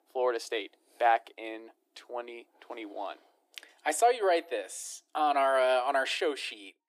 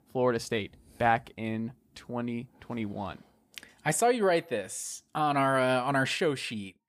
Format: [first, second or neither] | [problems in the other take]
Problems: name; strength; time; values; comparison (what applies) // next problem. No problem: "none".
second | thin; very; fading below 300 Hz